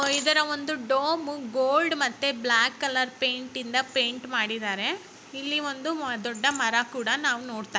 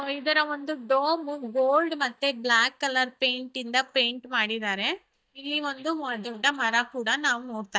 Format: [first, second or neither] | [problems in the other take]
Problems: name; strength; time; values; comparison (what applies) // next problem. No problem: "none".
first | noise reduction (neural mask model DeepFilterNet 3)